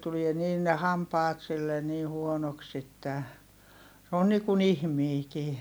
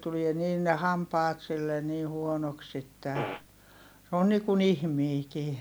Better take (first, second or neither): first